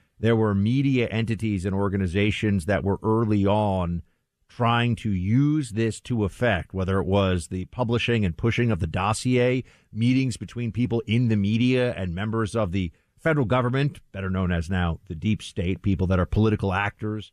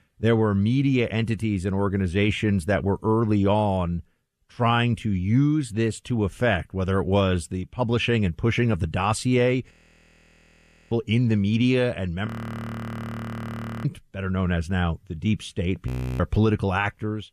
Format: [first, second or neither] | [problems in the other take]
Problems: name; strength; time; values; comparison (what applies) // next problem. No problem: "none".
first | audio freezing; at 9.5 s for 1 s, at 12 s for 1.5 s and at 16 s